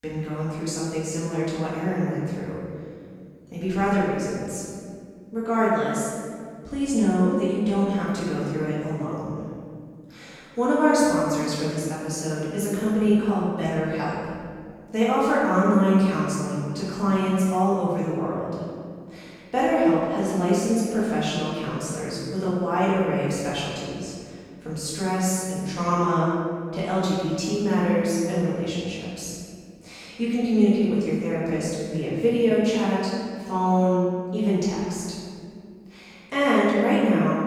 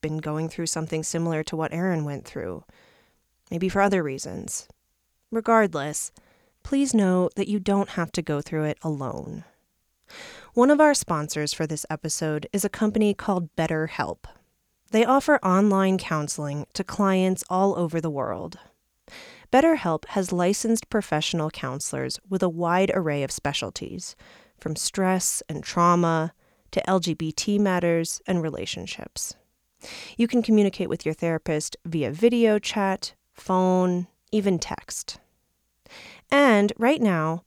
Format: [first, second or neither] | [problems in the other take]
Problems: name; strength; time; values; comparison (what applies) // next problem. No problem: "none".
second | room echo; strong; dies away in 1.9 s // off-mic speech; far